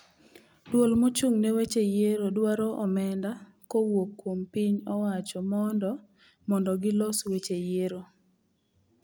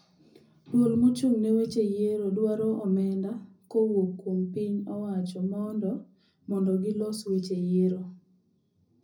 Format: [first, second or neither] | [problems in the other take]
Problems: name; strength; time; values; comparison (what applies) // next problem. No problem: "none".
first | room echo; dies away in 0.4 s